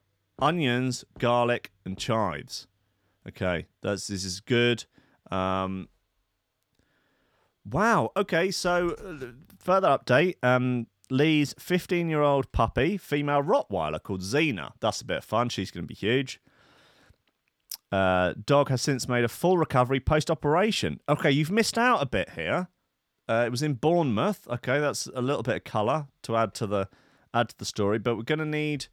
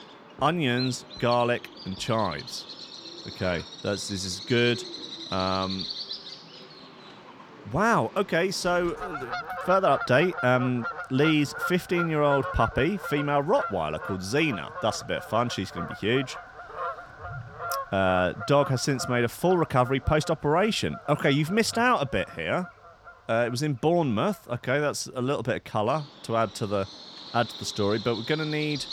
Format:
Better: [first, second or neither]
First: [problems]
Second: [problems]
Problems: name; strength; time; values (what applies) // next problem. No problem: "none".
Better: first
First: none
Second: animal sounds; noticeable; throughout; 10 dB below the speech